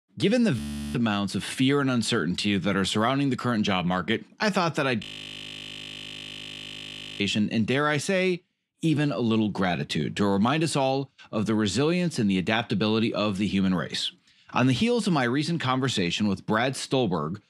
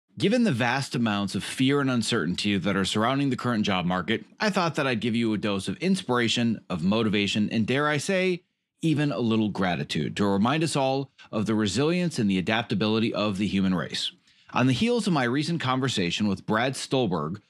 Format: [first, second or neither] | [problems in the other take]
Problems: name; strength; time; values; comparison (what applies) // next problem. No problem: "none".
second | audio freezing; at 0.5 s and at 5 s for 2 s